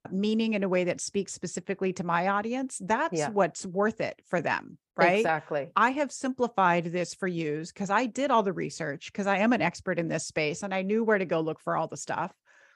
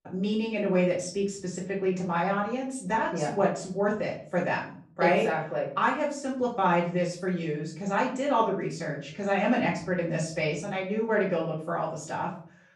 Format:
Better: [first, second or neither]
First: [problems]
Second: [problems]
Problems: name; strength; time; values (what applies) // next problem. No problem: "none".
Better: first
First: none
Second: room echo; slight; dies away in 0.5 s // off-mic speech; far